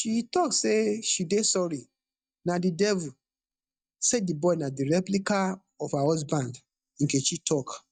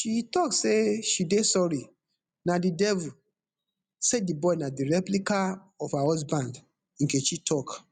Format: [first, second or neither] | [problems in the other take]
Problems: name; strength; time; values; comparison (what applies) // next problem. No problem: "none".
second | noise reduction (neural mask model DeepFilterNet 3)